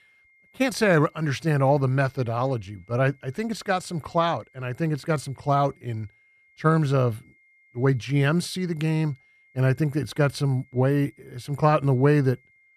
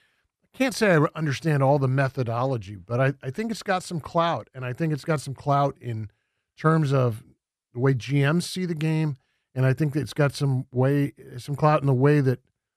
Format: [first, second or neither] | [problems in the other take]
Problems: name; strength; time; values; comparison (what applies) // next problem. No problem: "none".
second | high-pitched whine; faint; throughout; 2 kHz, 35 dB below the speech